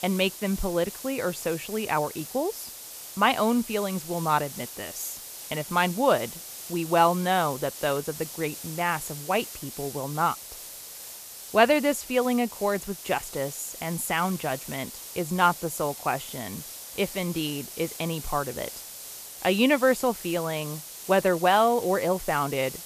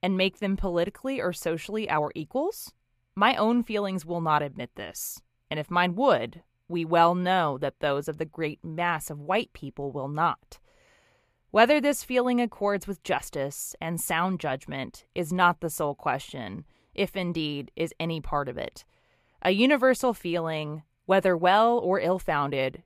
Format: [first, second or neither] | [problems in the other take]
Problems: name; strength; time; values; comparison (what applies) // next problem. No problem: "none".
second | hiss; noticeable; throughout; 10 dB below the speech